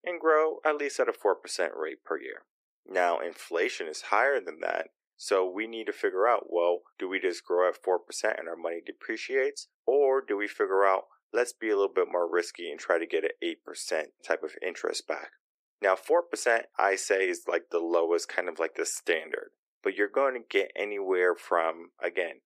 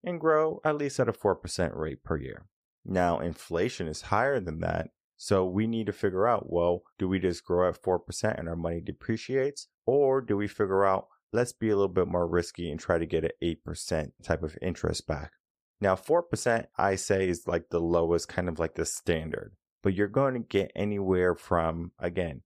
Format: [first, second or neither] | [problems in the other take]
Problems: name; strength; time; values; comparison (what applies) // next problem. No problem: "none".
second | thin; very; fading below 350 Hz